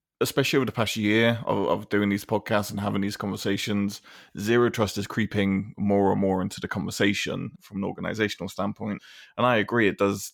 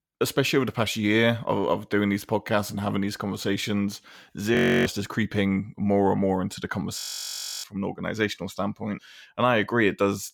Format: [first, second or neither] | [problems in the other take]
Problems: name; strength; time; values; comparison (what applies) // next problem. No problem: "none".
first | audio freezing; at 4.5 s and at 7 s for 0.5 s